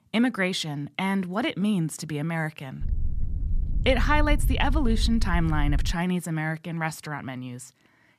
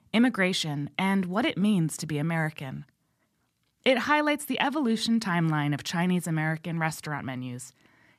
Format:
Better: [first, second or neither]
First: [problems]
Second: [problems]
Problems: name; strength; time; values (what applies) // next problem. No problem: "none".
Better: second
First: wind noise on the microphone; occasional gusts; from 3 to 6 s; 20 dB below the speech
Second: none